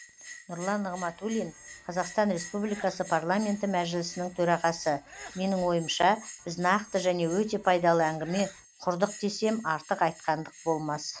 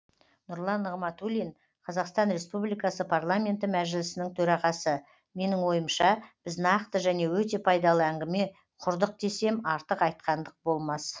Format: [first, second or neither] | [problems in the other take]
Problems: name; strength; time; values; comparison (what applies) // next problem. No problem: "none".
second | background sound (Bell + Sneeze / Church bell); 18 dB below the speech